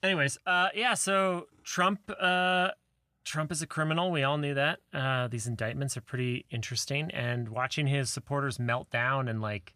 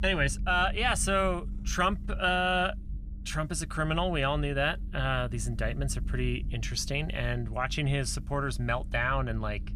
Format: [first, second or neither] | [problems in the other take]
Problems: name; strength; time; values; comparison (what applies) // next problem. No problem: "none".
first | low rumble; faint; throughout; 25 dB below the speech